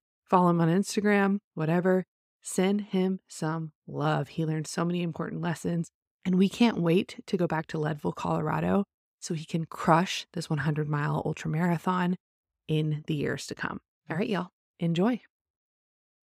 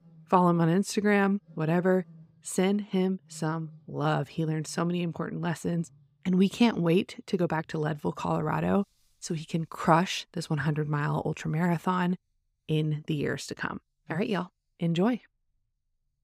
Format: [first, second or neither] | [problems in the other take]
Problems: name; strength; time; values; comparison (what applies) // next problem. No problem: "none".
first | animal sounds; faint; throughout; 30 dB below the speech